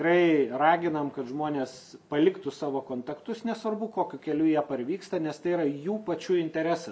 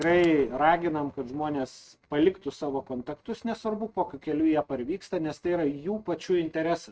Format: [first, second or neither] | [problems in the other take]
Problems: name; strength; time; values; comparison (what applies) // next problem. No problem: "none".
first | noise reduction (neural mask model RNNoise)